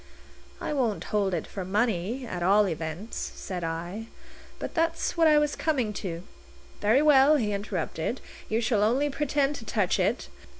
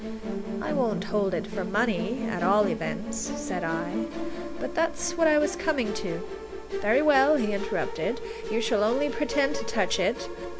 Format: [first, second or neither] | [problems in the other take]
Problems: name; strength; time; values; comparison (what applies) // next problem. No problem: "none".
first | background sound (Musical instrument); 6 dB below the speech